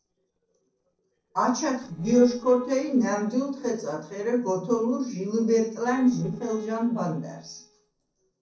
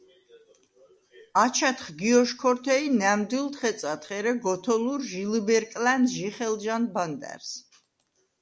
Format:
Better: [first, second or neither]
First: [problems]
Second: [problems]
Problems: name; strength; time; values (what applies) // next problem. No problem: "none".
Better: second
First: noise reduction (neural separator model SepFormer DNS4)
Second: none